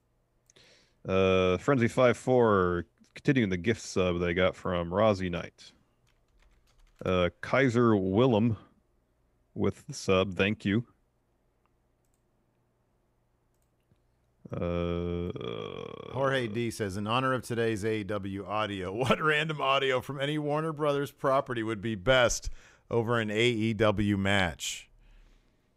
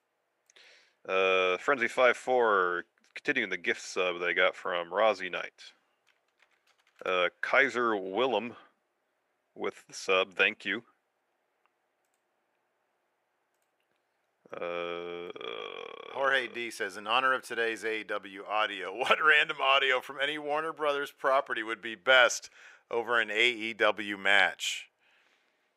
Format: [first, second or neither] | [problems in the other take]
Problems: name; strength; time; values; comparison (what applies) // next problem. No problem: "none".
first | thin; very; fading below 500 Hz